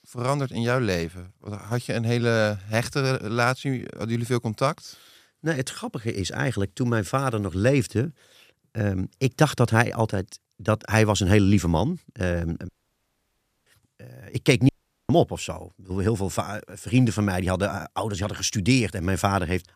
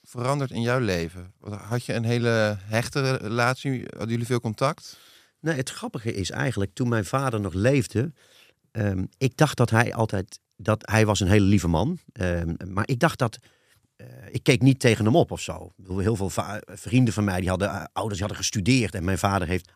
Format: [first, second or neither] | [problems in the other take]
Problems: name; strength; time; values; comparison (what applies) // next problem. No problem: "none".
second | audio cutting out; at 13 s for 1 s and at 15 s